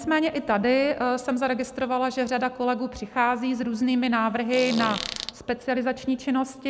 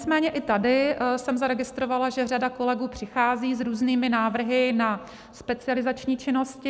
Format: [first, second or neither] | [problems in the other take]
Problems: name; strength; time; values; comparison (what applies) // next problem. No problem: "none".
second | background sound (Fart); 9 dB below the speech